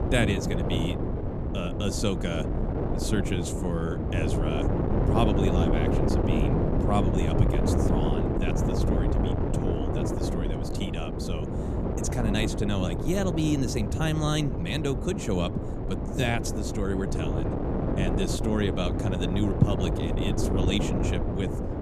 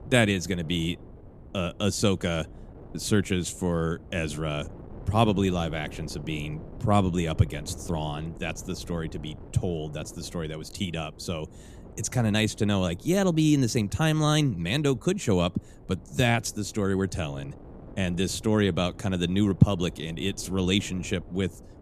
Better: second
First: wind noise on the microphone; heavy; as loud as the speech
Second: wind noise on the microphone; occasional gusts; 20 dB below the speech

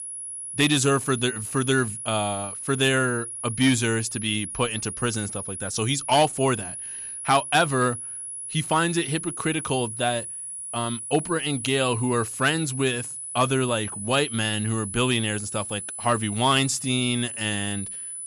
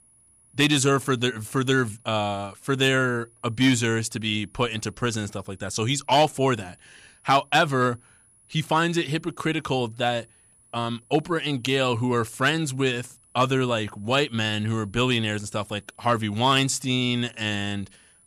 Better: second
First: high-pitched whine; loud; throughout; 10.5 kHz, 7 dB below the speech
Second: high-pitched whine; faint; throughout; 10.5 kHz, 30 dB below the speech

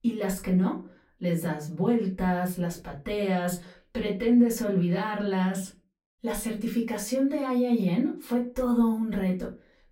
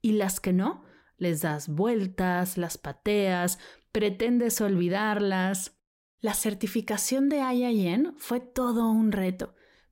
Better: second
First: off-mic speech; far // room echo; very slight; dies away in 0.3 s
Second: none

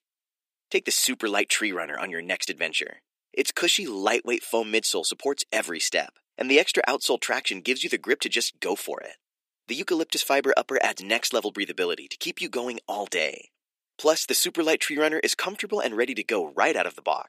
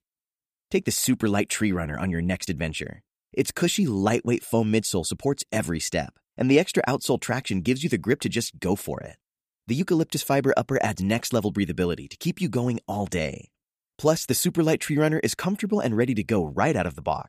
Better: second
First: thin; somewhat; fading below 350 Hz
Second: none

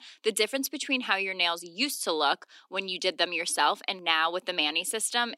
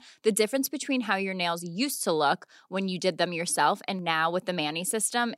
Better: second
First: thin; very slightly; fading below 300 Hz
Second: none

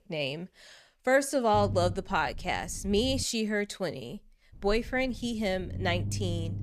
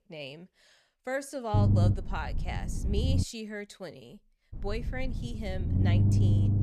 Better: first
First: low rumble; faint; from 1.5 to 3 s and from 4.5 s on; 20 dB below the speech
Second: low rumble; loud; from 1.5 to 3 s and from 4.5 s on; 2 dB below the speech

